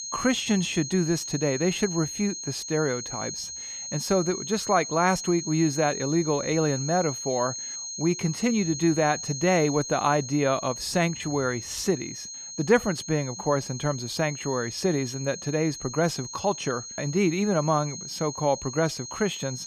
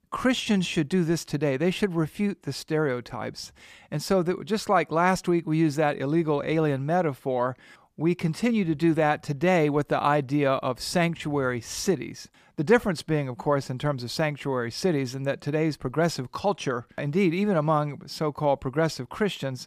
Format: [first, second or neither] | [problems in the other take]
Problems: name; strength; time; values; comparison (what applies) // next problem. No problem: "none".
second | high-pitched whine; loud; throughout; 6.5 kHz, 8 dB below the speech